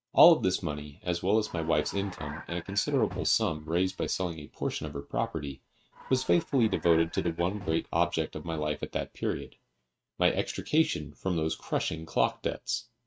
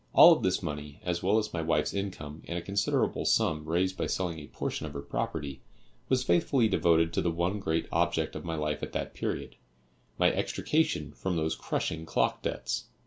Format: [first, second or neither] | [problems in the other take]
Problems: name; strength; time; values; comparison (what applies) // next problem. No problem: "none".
second | noise reduction (neural mask model RNNoise)